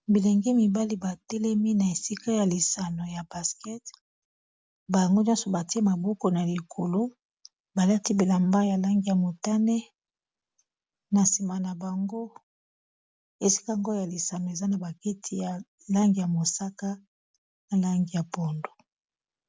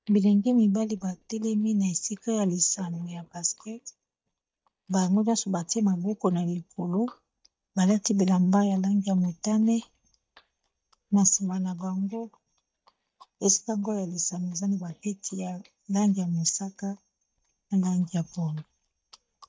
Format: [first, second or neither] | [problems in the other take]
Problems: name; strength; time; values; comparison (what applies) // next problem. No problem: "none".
first | noise reduction (neural mask model DeepFilterNet 3)